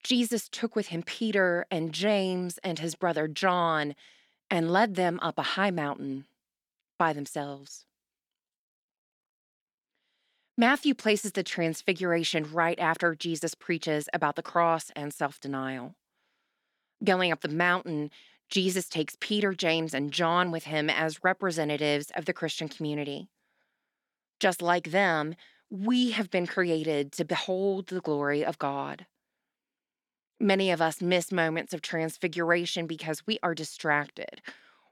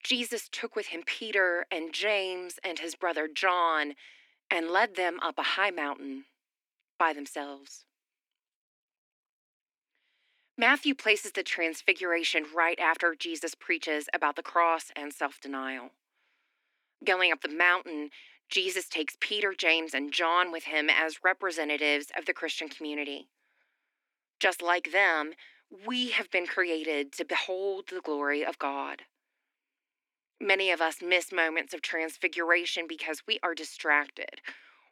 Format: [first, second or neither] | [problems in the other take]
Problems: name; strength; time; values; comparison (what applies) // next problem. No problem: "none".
first | thin; somewhat; fading below 250 Hz